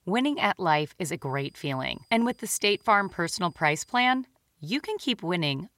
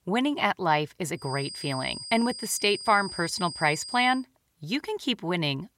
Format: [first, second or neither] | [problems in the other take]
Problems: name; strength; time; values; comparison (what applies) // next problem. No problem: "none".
first | high-pitched whine; loud; from 1.5 to 4 s; 5 kHz, 10 dB below the speech; faint in the first